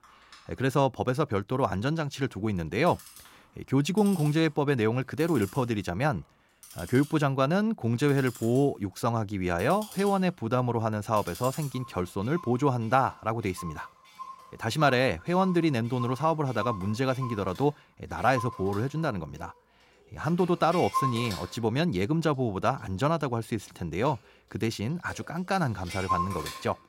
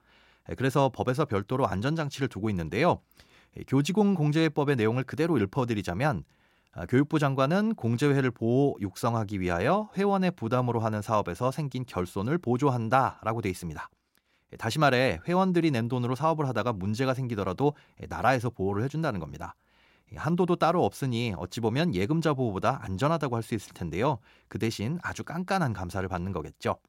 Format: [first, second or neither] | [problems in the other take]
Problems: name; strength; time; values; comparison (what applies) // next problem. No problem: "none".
second | household noises; noticeable; throughout; 10 dB below the speech